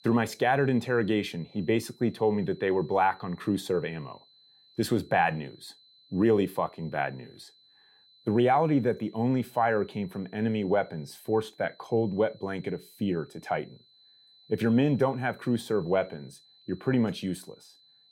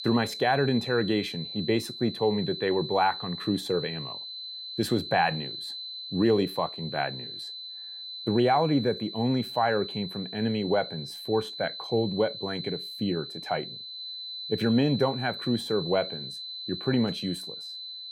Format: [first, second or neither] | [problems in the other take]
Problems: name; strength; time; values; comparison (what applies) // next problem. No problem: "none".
first | high-pitched whine; loud; throughout; 4 kHz, 8 dB below the speech; faint in the first